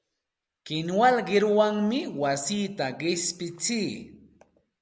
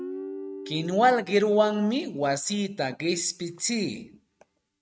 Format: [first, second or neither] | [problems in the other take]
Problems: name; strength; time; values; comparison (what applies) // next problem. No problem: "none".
first | noise reduction (neural mask model RNNoise)